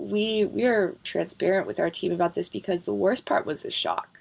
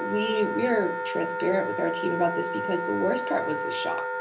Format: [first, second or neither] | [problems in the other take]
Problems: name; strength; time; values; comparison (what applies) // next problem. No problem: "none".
first | background sound (Wind instrument, woodwind instrument); 2 dB below the speech // room echo; dies away in 0.3 s